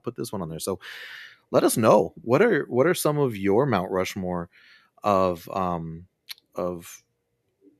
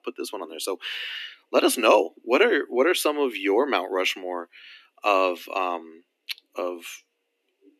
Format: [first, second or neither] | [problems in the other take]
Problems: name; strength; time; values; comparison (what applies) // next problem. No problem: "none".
first | thin; very slightly; fading below 250 Hz